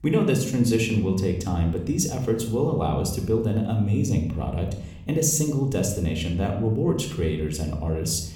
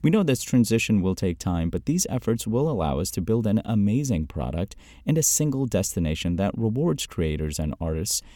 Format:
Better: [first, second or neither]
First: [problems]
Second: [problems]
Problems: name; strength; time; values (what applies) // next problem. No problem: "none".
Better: second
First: room echo; slight; dies away in 0.6 s // off-mic speech; somewhat distant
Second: none